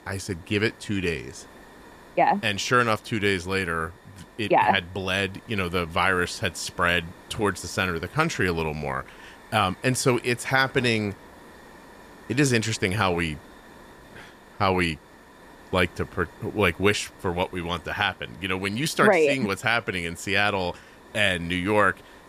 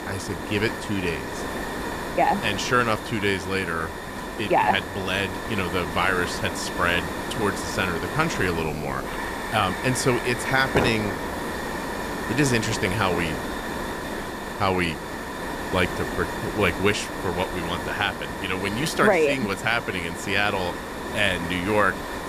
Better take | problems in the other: first | hiss; loud; throughout; 6 dB below the speech; faint in the first

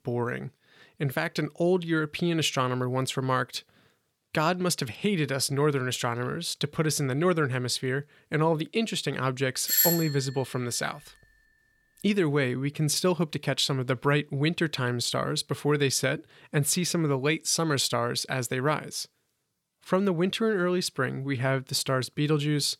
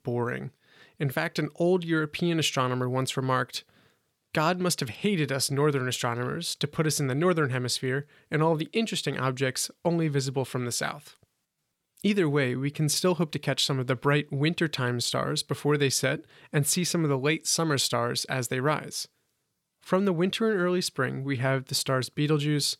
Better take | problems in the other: second | doorbell; loud; at 9.5 s; peak 6 dB above the speech

